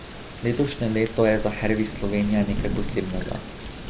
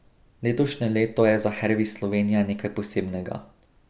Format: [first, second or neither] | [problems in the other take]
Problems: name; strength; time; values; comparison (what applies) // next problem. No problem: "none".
second | background sound (Thunder / Rain); 6 dB below the speech